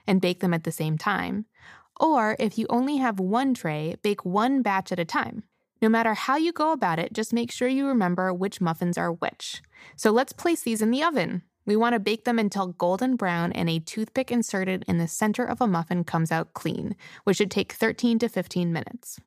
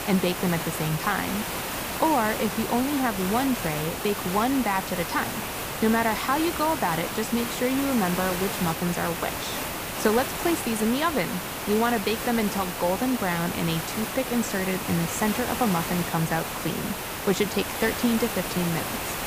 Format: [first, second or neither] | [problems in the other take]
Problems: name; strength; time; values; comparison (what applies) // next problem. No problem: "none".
first | hiss; loud; throughout; 3 dB below the speech